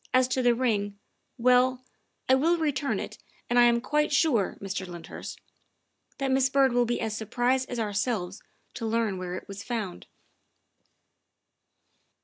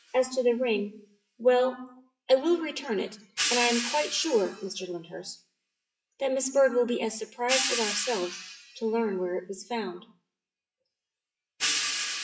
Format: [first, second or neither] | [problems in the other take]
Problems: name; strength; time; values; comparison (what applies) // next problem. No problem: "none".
first | noise reduction (classical method WPE with log-MMSE)